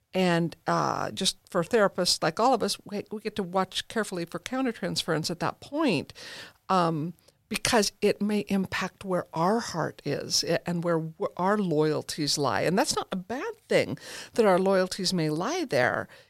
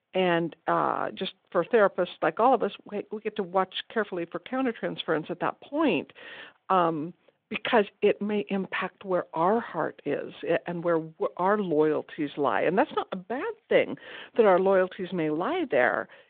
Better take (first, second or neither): first